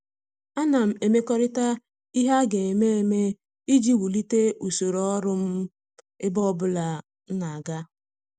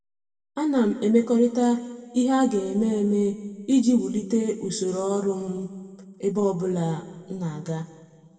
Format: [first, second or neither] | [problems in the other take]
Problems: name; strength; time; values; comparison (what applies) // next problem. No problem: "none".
first | room echo; dies away in 1.6 s